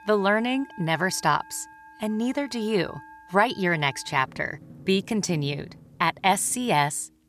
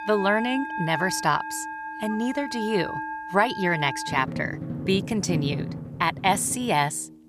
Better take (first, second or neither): first